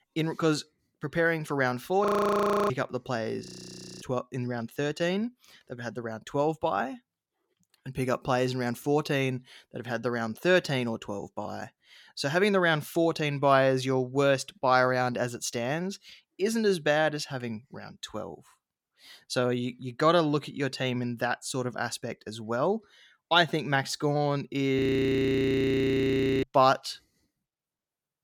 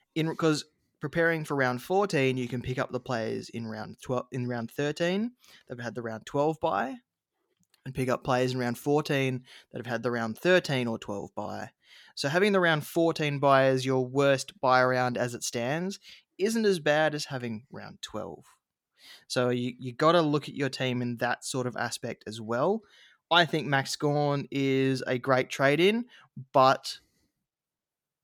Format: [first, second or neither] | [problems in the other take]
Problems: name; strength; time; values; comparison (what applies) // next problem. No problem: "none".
second | audio freezing; at 2 s for 0.5 s, at 3.5 s for 0.5 s and at 25 s for 1.5 s